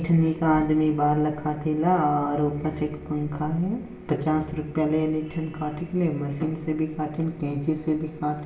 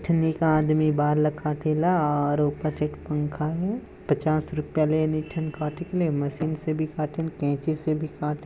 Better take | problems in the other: second | room echo; dies away in 0.8 s

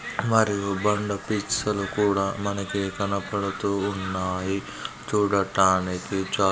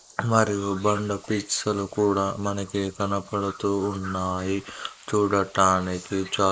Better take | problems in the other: first | noise reduction (neural mask model Resemble Enhance denoiser)

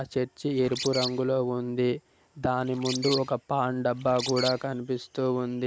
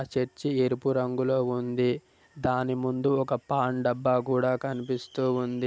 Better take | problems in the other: second | noise reduction (neural mask model Resemble Enhance denoiser)

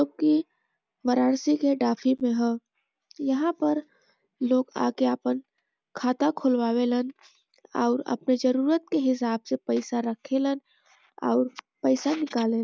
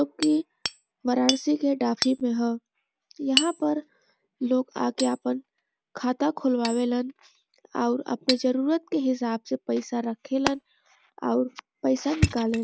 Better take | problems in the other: first | background sound (Hammer); 8 dB below the speech

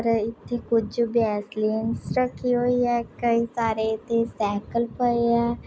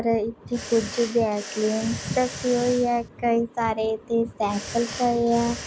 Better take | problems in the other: first | background sound (Mechanisms); 14 dB below the speech

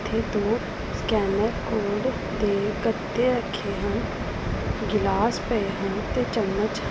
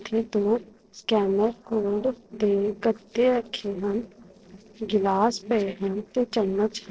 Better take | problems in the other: first | noise reduction (neural separator model SepFormer DNS4)

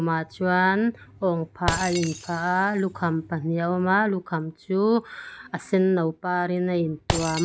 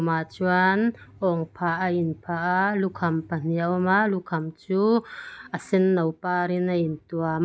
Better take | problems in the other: second | background sound (Shatter); 12 dB below the speech

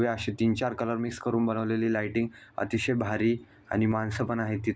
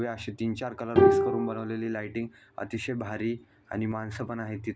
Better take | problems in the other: first | background sound (Bowed string instrument); 5 dB above the speech

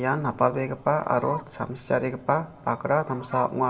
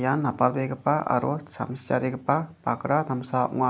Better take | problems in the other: second | background sound (Fowl); 17 dB below the speech // room echo; dies away in 1.2 s

